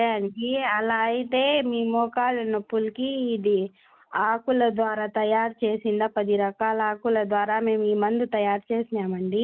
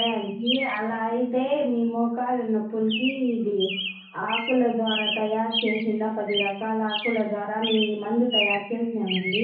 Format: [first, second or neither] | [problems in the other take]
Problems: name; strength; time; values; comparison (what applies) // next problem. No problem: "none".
first | background sound (Chirp, tweet); 7 dB below the speech // room echo; dies away in 0.6 s